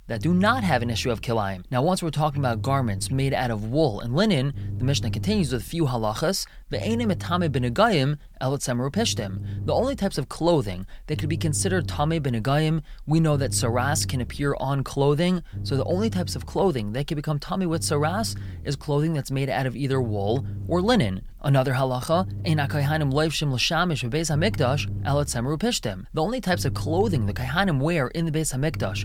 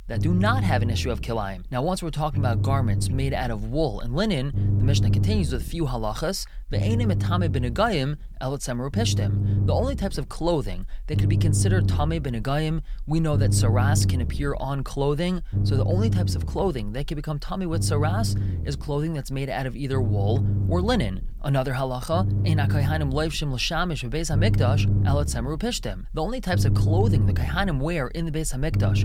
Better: first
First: low rumble; faint; throughout; 20 dB below the speech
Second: low rumble; loud; throughout; 9 dB below the speech

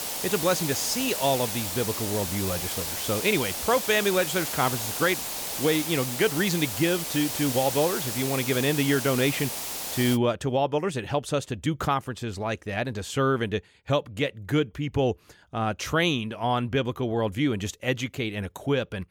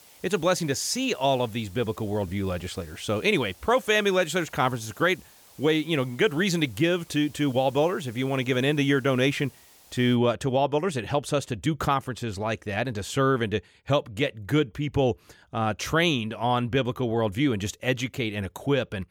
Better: second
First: hiss; loud; until 10 s; 3 dB below the speech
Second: hiss; faint; until 10 s; 25 dB below the speech

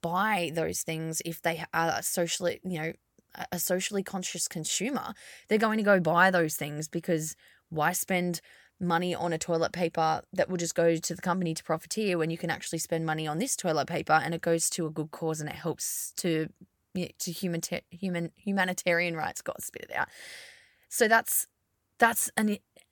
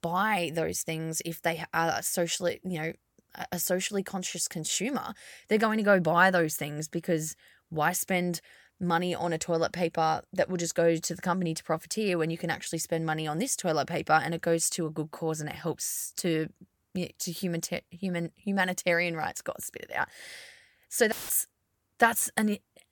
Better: first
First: none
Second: audio cutting out; filled with static; at 21 s

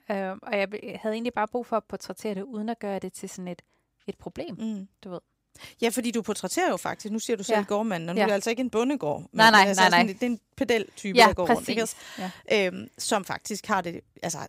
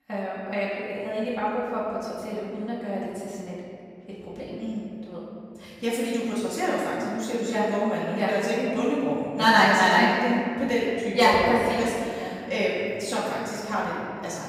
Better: first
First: none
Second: room echo; strong; dies away in 2.3 s // off-mic speech; far

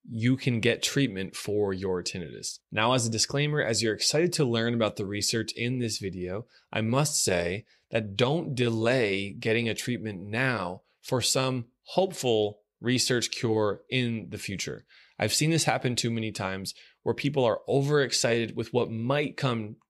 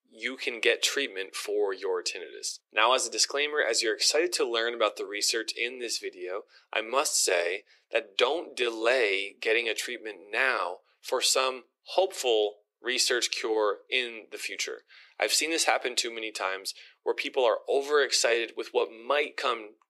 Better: first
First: none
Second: thin; very; fading below 350 Hz

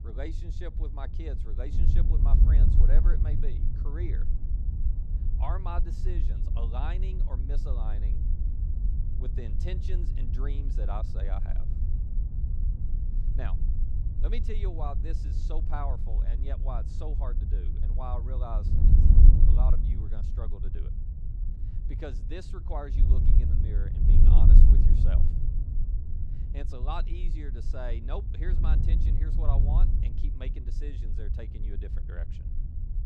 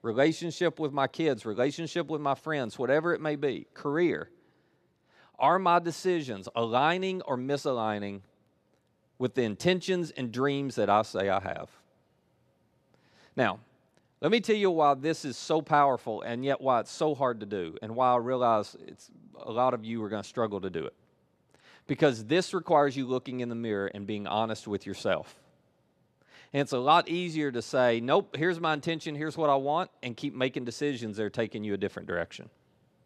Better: second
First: wind noise on the microphone; heavy; 3 dB below the speech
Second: none

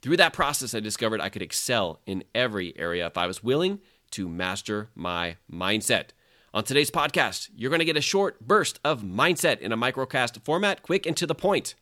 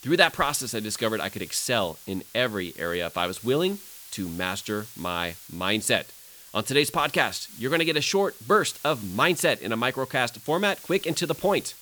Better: first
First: none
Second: hiss; noticeable; throughout; 15 dB below the speech

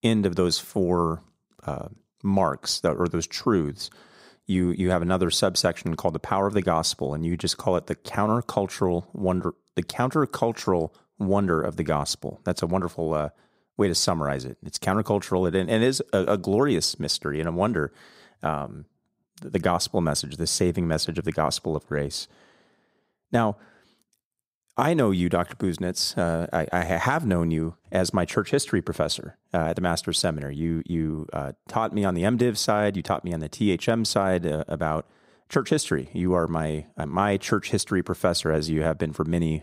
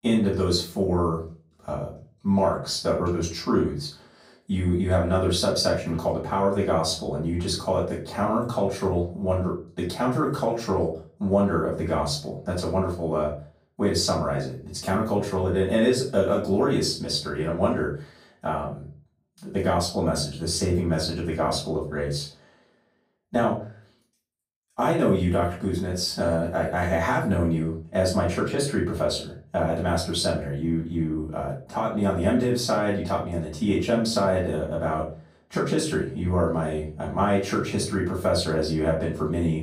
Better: first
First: none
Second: off-mic speech; far // room echo; slight; dies away in 0.3 s

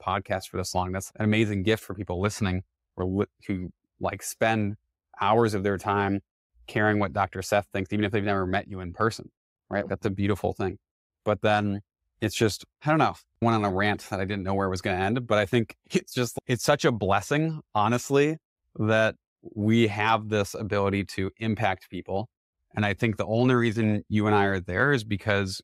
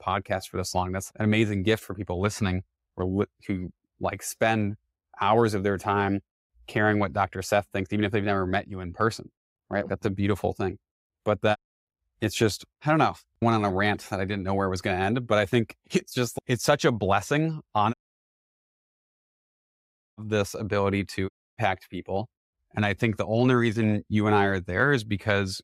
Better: first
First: none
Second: audio cutting out; at 12 s, at 18 s for 2 s and at 21 s

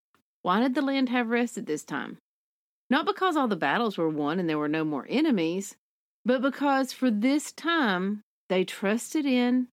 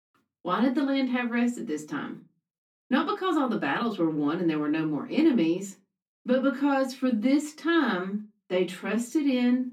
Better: first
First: none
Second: off-mic speech; far // room echo; very slight; dies away in 0.3 s

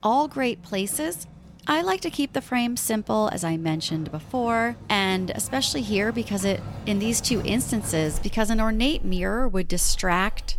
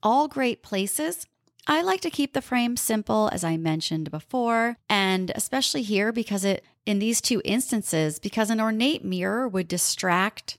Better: second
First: household noises; noticeable; throughout; 15 dB below the speech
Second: none

